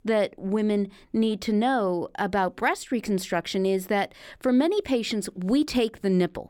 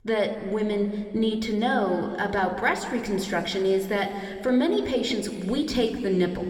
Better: first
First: none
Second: room echo; slight; dies away in 2.3 s

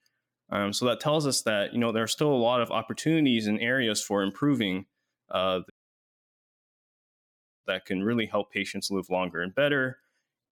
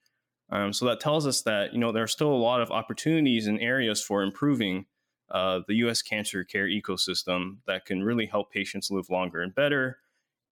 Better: second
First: audio cutting out; at 5.5 s for 2 s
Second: none

